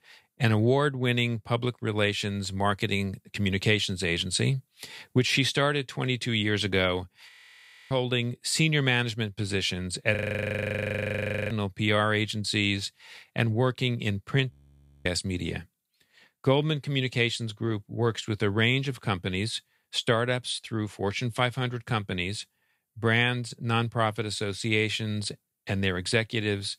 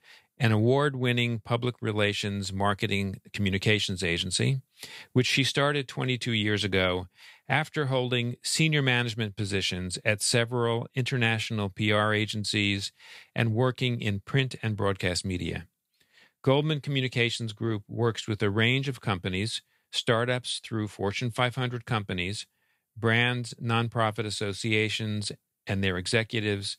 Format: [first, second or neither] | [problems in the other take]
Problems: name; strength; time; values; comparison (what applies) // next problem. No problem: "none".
second | audio freezing; at 7.5 s for 0.5 s, at 10 s for 1.5 s and at 15 s for 0.5 s